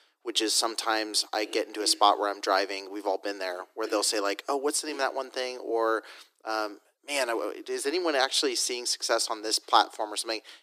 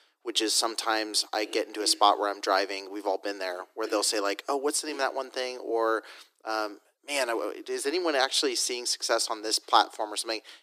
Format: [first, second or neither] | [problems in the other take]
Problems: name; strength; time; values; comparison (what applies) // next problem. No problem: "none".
neither | thin; very; fading below 300 Hz; the same in both